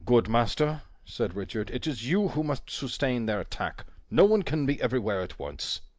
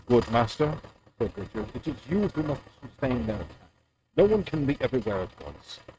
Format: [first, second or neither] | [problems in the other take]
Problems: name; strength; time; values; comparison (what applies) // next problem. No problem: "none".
first | noise reduction (neural mask model RNNoise)